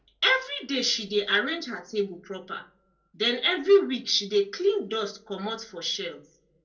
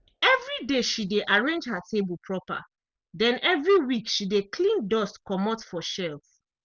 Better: second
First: room echo; dies away in 0.2 s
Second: none

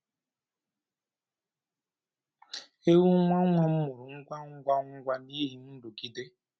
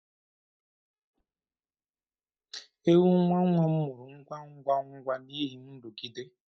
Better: first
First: none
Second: noise reduction (neural mask model DeepFilterNet 3)

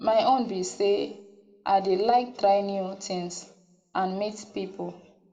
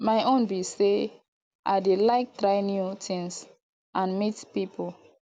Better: second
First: room echo; dies away in 0.5 s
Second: none

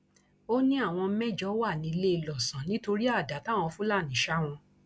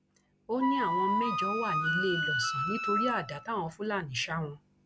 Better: first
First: none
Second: background sound (Wind instrument, woodwind instrument); 1 dB above the speech

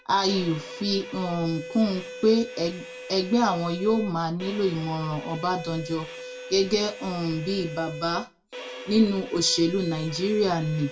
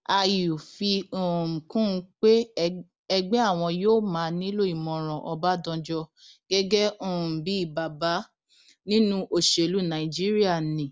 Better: second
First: background sound (Bowed string instrument); 13 dB below the speech // room echo; dies away in 0.2 s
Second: none

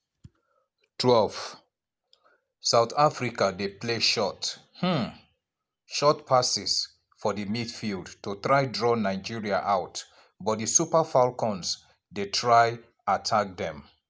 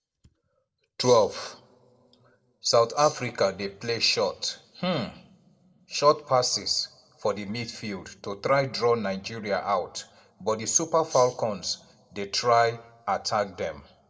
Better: first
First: none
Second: noise reduction (neural separator model SepFormer DNS4)

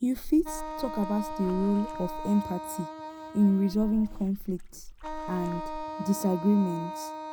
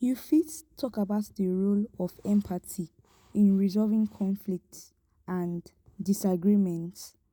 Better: second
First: background sound (Splash, splatter + Wind instrument, woodwind instrument); 9 dB below the speech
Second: none

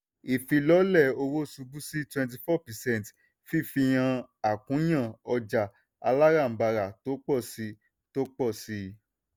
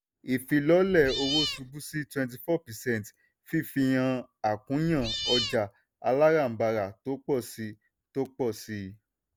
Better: first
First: none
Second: background sound (Cat); 3 dB below the speech

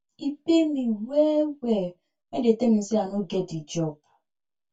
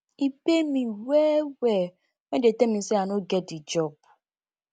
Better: second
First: room echo; dies away in 0.1 s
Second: none

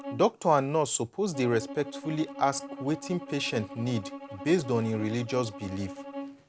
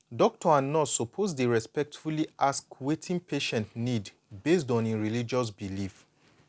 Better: second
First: background sound (Bowed string instrument); 12 dB below the speech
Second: none

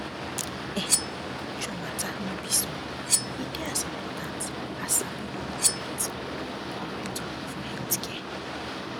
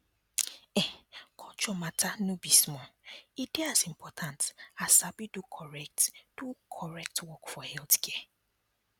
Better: second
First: background sound (Cutlery, silverware + Boat, Water vehicle); 4 dB above the speech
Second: none

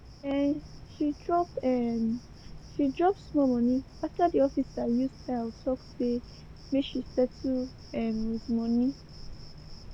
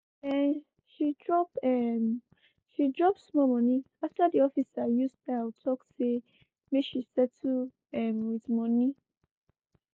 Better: second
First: background sound (Cricket); 16 dB below the speech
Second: none

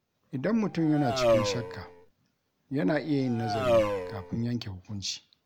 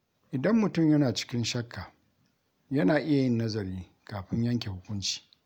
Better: second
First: background sound (Race car, auto racing); 1 dB above the speech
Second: none

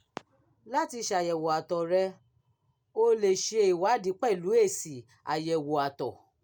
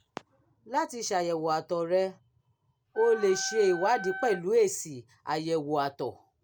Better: first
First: none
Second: background sound (Wind instrument, woodwind instrument); 10 dB below the speech

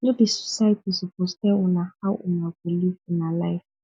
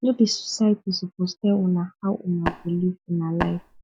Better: first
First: none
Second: background sound (Tap); 6 dB below the speech

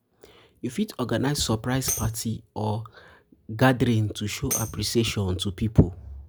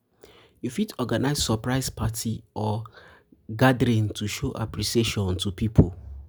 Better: second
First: background sound (Tambourine); 11 dB below the speech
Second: none

